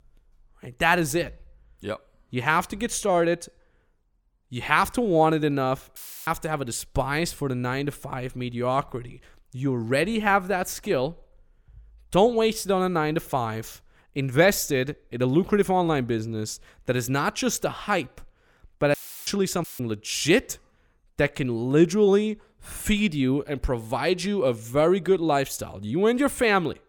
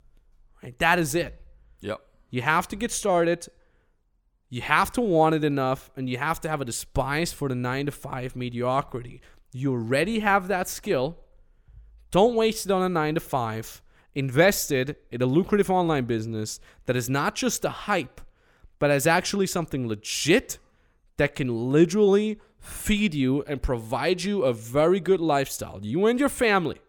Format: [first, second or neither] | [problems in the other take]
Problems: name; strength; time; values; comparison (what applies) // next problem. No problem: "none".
second | audio cutting out; filled with static; at 6 s, at 19 s and at 20 s